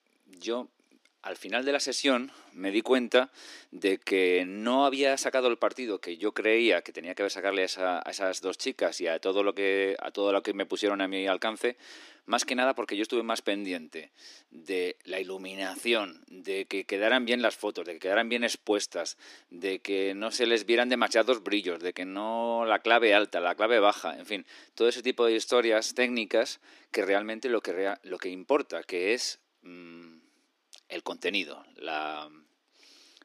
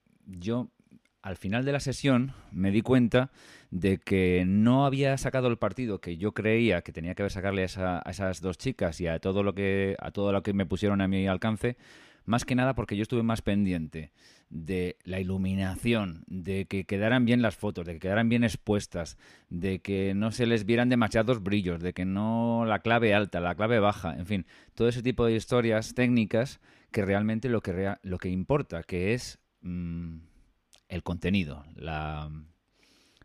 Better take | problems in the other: second | thin; somewhat; fading below 300 Hz

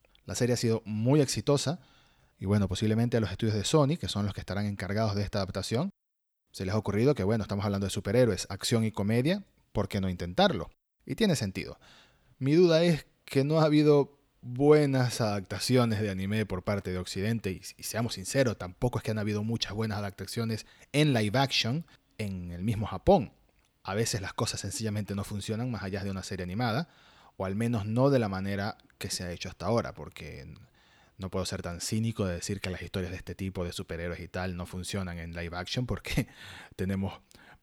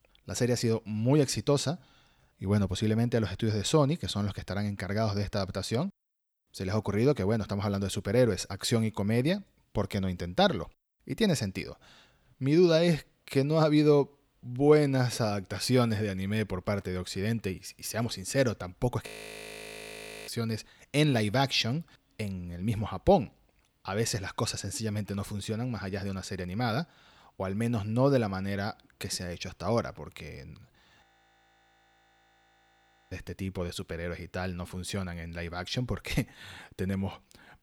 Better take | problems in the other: first | audio freezing; at 19 s for 1 s and at 31 s for 2 s

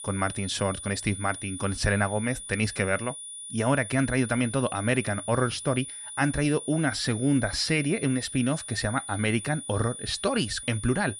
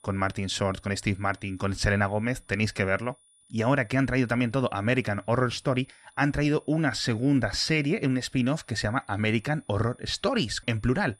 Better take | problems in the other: second | high-pitched whine; loud; throughout; 9.5 kHz, 9 dB below the speech; faint in the second

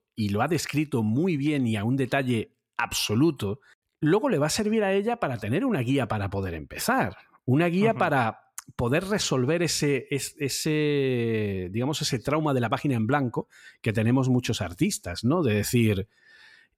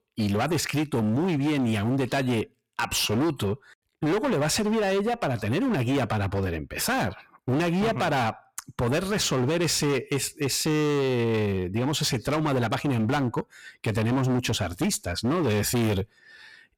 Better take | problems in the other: first | distortion; heavy; 24% of the sound clipped

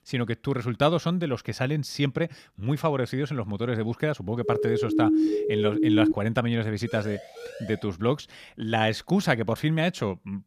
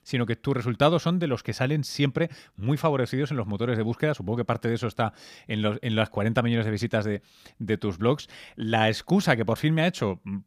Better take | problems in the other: second | siren; loud; from 4.5 to 6 s; peak 5 dB above the speech // siren; faint; at 7 s; peak 15 dB below the speech

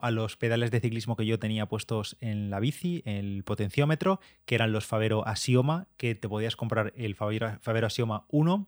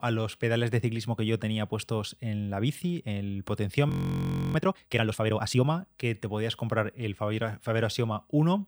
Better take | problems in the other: first | audio freezing; at 4 s for 0.5 s

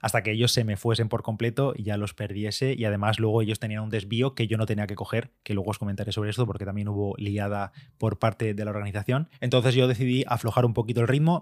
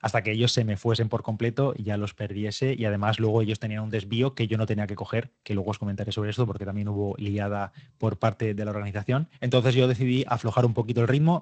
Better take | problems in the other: first | garbled, watery; slightly; nothing above 8 kHz

